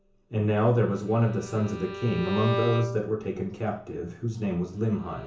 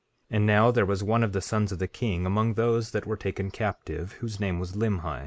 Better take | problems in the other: second | background sound (Bowed string instrument); 10 dB below the speech // room echo; dies away in 0.7 s

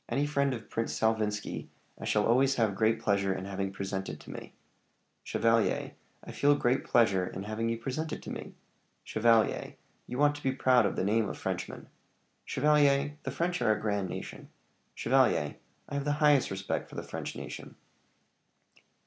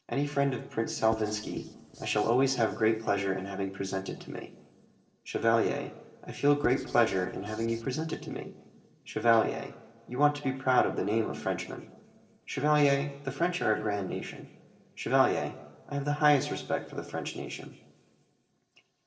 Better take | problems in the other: first | noise reduction (neural separator model SepFormer DNS4)

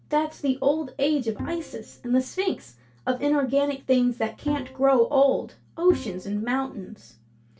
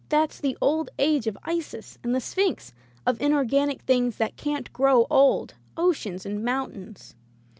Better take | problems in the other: second | background sound (Bowed string instrument); 14 dB below the speech // room echo; dies away in 0.2 s

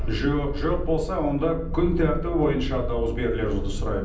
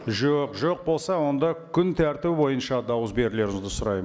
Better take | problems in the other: second | background sound (Purr); 3 dB below the speech // room echo; dies away in 0.6 s

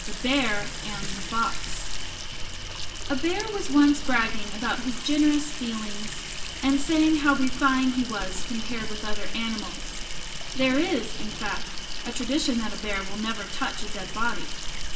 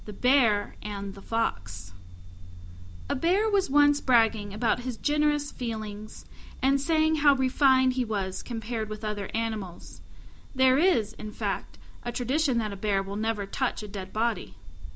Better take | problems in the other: second | background sound (Sink (filling or washing) / Water tap, faucet); 11 dB below the speech // room echo; dies away in 0.7 s

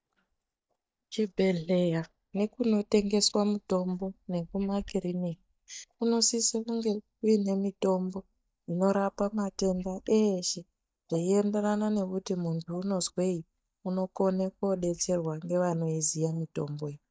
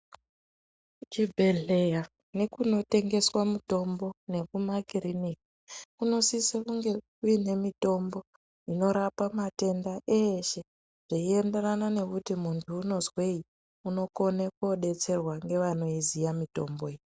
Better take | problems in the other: second | noise reduction (neural mask model DeepFilterNet 3)

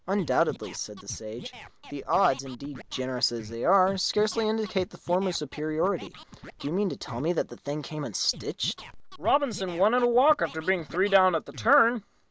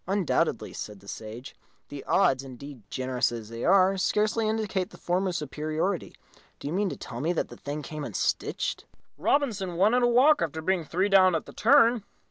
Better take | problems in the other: second | background sound (Scratching (performance technique)); 19 dB below the speech

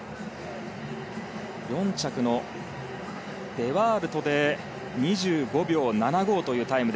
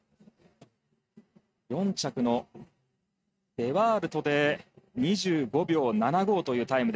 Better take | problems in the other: first | noise reduction (neural mask model RNNoise)

